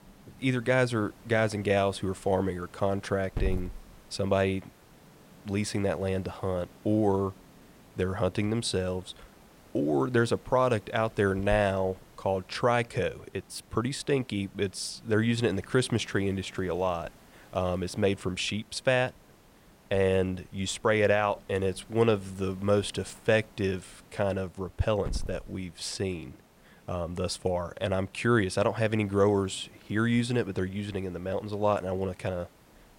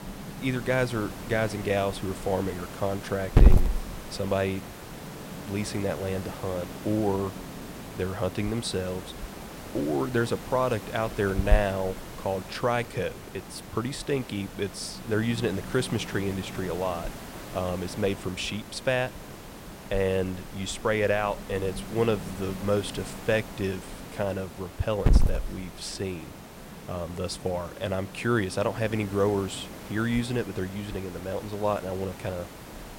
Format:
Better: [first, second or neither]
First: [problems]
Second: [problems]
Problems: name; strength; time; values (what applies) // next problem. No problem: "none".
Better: first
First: hiss; faint; throughout; 20 dB below the speech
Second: hiss; loud; throughout; 6 dB below the speech